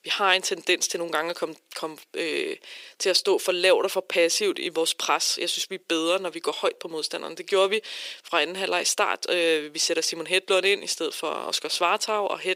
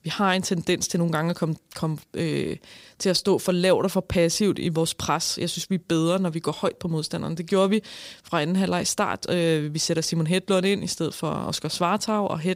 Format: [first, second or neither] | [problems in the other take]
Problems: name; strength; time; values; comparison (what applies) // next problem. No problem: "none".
second | thin; very; fading below 400 Hz